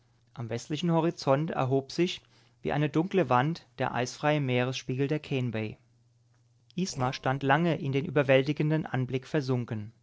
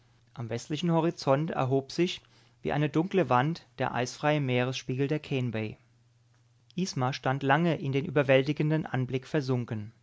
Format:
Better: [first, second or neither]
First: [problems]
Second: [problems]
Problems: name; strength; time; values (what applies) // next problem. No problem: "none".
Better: second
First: noise reduction (neural separator model SepFormer DNS4)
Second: none